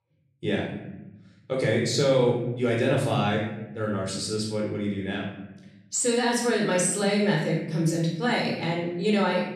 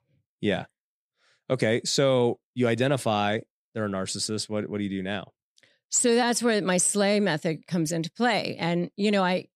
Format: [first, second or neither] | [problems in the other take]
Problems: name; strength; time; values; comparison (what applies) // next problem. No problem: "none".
second | off-mic speech; far // room echo; noticeable; dies away in 1 s